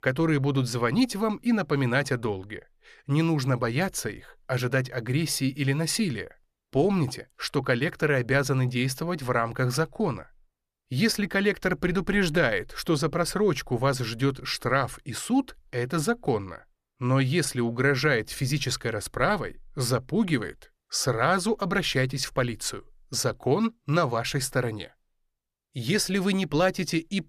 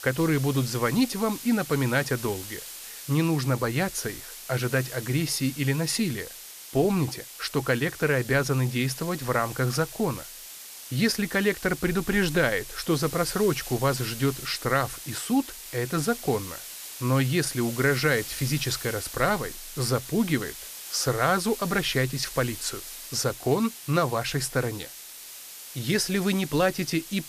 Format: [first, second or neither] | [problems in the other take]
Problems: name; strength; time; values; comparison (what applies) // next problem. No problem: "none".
first | hiss; noticeable; throughout; 10 dB below the speech